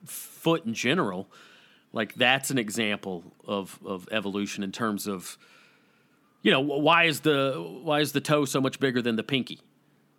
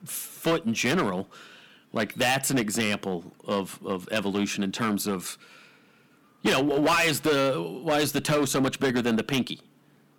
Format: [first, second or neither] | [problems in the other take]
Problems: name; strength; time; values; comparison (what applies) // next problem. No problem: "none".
first | distortion; heavy; 9% of the sound clipped